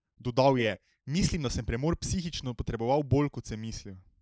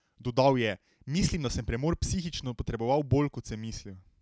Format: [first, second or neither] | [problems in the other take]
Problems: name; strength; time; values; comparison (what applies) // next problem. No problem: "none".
second | noise reduction (neural mask model Resemble Enhance denoiser)